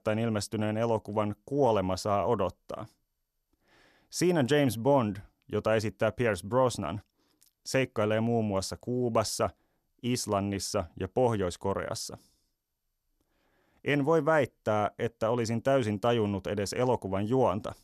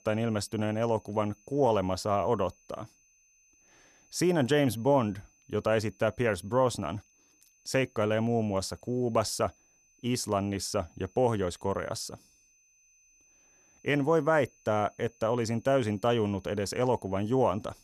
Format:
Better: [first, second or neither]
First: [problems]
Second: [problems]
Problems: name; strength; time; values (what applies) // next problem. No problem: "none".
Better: first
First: none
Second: high-pitched whine; faint; throughout; 6 kHz, 30 dB below the speech